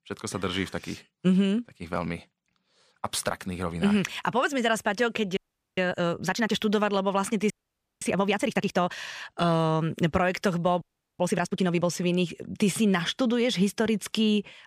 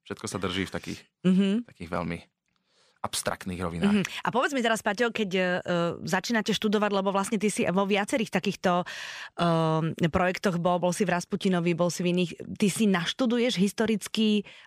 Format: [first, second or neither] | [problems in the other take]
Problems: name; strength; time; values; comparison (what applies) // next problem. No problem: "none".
second | audio freezing; at 5.5 s, at 7.5 s for 0.5 s and at 11 s